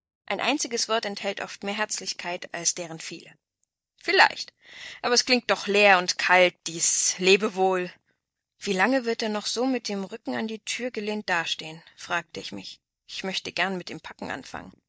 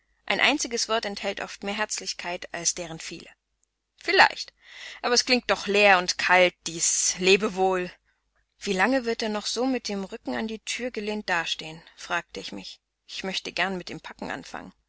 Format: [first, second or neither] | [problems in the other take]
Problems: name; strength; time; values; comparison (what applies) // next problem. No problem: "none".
second | noise reduction (neural mask model DeepFilterNet 3)